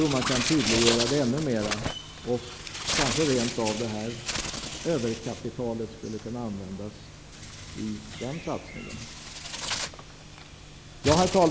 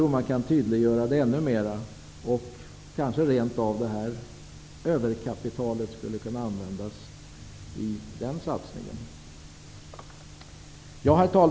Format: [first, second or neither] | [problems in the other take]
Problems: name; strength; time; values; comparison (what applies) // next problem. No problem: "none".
second | background sound (Bird); 5 dB below the speech